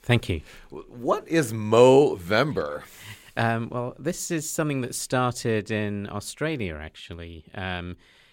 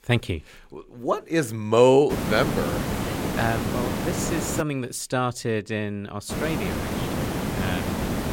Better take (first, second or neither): first